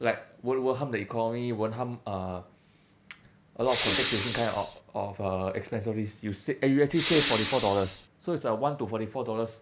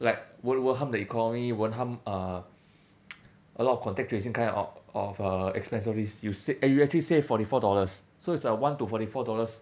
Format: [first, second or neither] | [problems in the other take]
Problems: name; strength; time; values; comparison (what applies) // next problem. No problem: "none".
second | background sound (Respiratory sounds); 3 dB below the speech